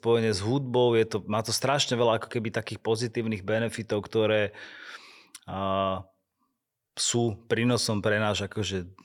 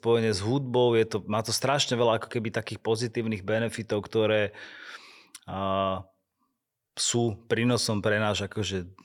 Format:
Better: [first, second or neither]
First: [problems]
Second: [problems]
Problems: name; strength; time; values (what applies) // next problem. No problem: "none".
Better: neither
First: none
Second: none